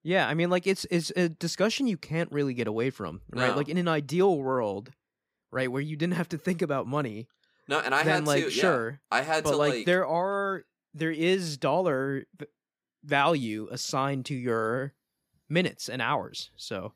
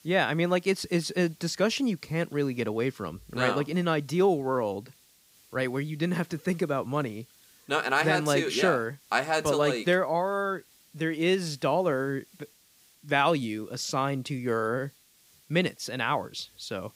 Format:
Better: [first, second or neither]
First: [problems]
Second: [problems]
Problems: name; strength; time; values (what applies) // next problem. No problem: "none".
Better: first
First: none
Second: hiss; faint; throughout; 30 dB below the speech